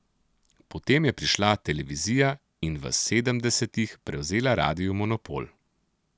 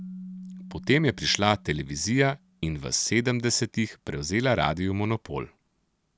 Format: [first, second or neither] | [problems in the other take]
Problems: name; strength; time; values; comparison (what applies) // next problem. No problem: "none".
first | background sound (Keyboard (musical)); 20 dB below the speech